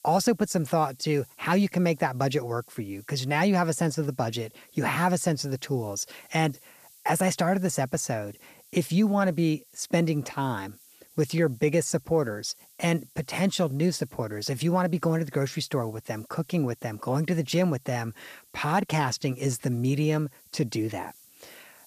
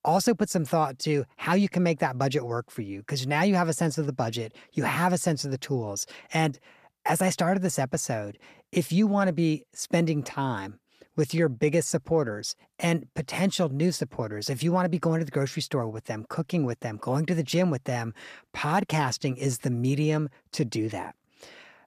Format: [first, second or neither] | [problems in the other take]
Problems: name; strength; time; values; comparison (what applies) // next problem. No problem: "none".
second | hiss; faint; throughout; 25 dB below the speech